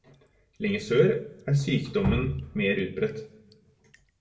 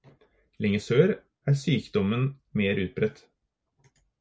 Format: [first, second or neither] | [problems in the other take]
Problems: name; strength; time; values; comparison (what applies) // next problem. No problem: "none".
second | background sound (Drip); 11 dB below the speech // room echo; dies away in 0.6 s